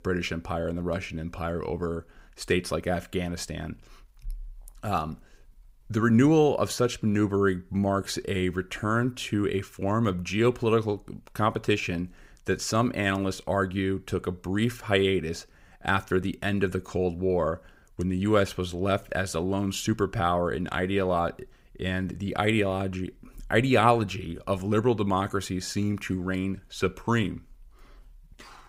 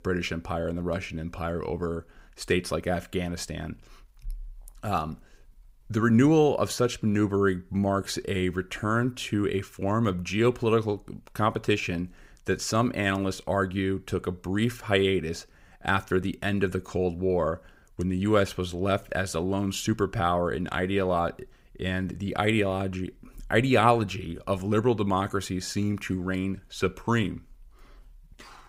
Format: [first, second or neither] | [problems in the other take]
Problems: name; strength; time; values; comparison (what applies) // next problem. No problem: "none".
neither | none